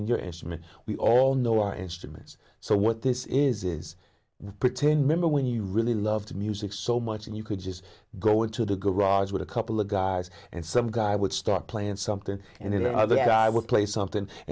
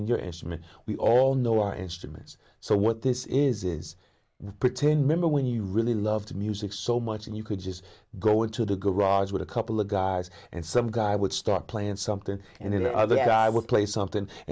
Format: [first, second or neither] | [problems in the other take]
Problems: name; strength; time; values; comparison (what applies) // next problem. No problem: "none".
first | noise reduction (neural mask model Resemble Enhance denoiser)